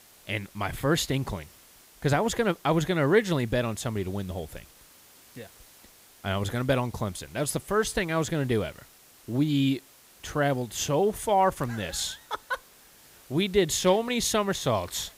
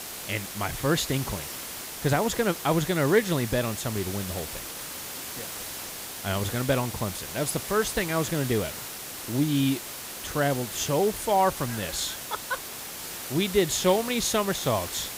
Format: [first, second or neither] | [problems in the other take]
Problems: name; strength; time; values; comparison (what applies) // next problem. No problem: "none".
first | hiss; loud; throughout; 7 dB below the speech; faint in the first